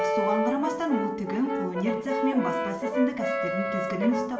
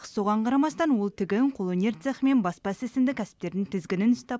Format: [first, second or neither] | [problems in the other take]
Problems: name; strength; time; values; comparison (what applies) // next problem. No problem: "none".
second | background sound (Brass instrument); as loud as the speech // room echo; dies away in 0.8 s